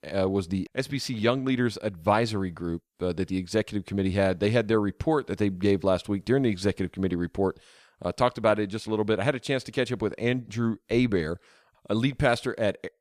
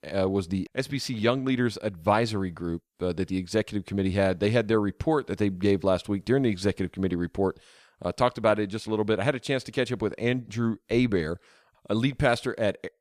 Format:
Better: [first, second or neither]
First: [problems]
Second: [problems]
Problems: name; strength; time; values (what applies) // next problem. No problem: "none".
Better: neither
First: none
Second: none